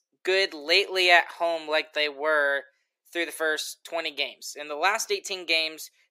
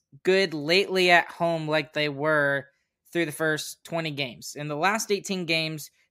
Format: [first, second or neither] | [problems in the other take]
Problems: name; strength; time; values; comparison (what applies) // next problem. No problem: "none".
second | thin; very; fading below 400 Hz